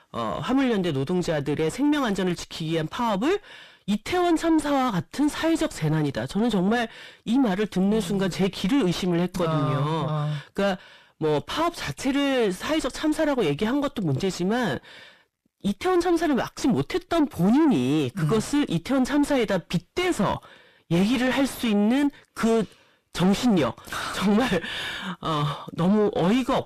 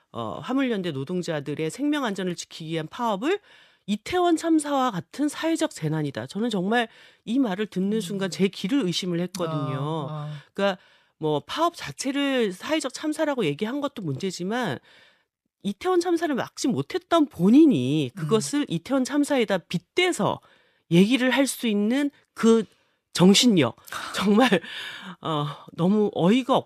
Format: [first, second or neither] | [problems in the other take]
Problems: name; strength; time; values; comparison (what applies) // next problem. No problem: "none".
second | distortion; heavy; 4 dB below the speech